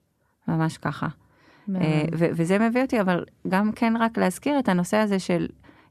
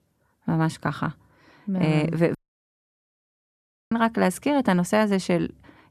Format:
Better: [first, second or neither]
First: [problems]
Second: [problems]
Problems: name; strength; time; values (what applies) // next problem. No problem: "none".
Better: first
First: none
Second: audio cutting out; at 2.5 s for 1.5 s